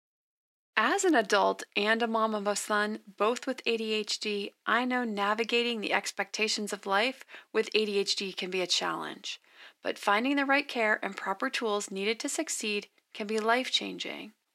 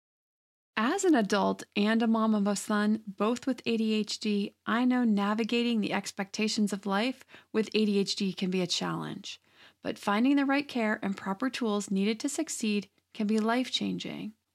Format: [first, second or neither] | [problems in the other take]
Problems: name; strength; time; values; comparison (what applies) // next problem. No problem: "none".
second | thin; somewhat; fading below 450 Hz